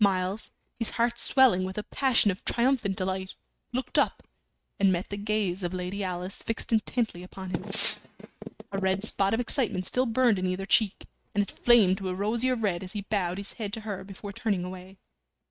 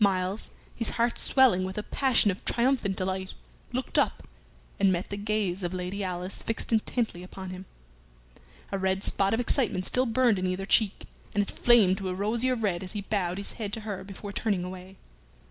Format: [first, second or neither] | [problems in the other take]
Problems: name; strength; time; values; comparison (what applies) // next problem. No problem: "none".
second | noise reduction (neural mask model RNNoise)